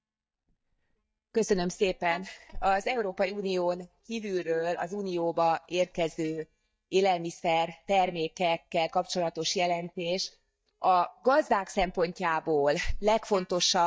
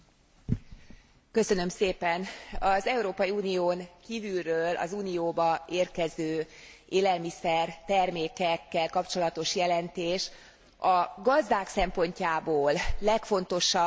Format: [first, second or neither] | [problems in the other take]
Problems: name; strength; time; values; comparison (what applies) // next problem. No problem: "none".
second | noise reduction (neural mask model DeepFilterNet 3)